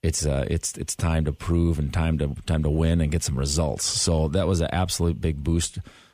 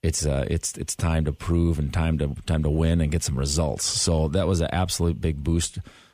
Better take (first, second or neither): neither